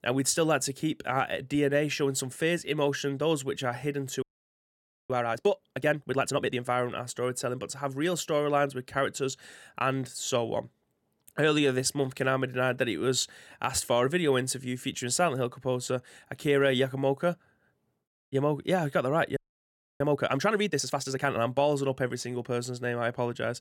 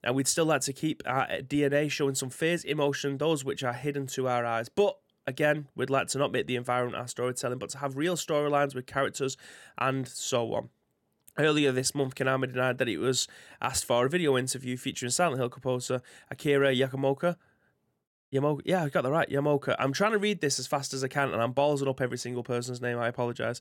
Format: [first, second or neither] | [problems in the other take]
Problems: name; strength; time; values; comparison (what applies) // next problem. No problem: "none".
second | audio freezing; at 4 s for 1 s and at 19 s for 0.5 s